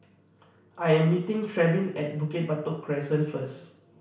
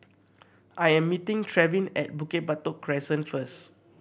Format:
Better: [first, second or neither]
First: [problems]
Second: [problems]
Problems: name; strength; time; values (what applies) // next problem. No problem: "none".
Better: second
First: room echo; dies away in 0.6 s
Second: none